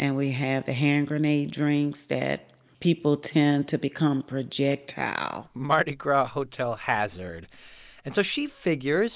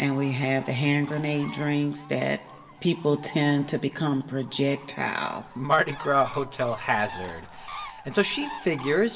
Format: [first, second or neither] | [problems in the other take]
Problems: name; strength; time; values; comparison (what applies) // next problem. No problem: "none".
first | background sound (Bird); 16 dB below the speech // room echo; dies away in 1.5 s